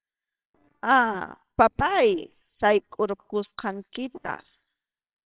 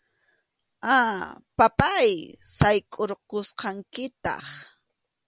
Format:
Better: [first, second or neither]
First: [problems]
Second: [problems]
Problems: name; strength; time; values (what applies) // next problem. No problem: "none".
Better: second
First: noise reduction (neural separator model SepFormer WHAMR!)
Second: none